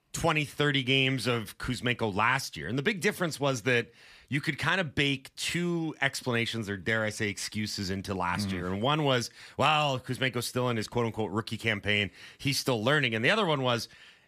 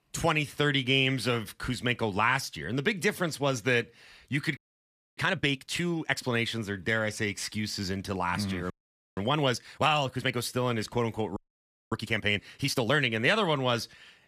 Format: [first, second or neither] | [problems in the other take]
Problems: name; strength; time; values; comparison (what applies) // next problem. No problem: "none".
first | audio freezing; at 4.5 s for 0.5 s, at 8.5 s and at 11 s for 0.5 s